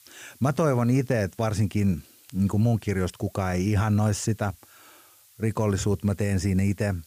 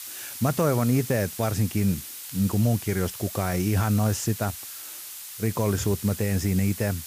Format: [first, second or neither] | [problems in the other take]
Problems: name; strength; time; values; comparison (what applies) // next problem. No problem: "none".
first | hiss; loud; throughout; 10 dB below the speech; faint in the first